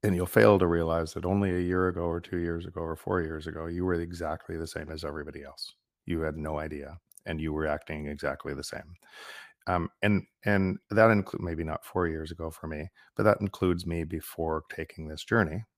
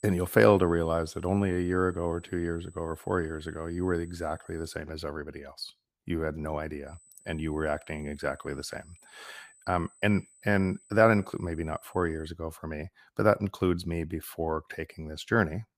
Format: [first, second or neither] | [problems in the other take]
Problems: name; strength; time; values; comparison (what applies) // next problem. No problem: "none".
first | high-pitched whine; faint; until 5 s and from 7 to 12 s; 8 kHz, 25 dB below the speech